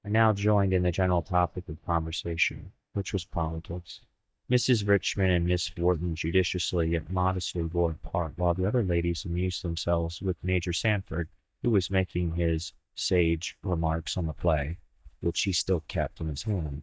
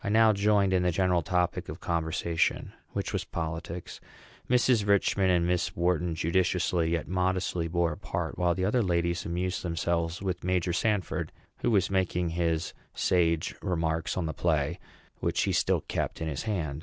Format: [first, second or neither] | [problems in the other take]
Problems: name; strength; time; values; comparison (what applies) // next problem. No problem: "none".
second | noise reduction (neural mask model DeepFilterNet 3)